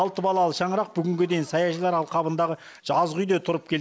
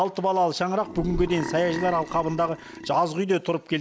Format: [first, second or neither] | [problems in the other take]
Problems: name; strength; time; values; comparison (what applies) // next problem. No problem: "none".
first | background sound (Burping, eructation); 10 dB below the speech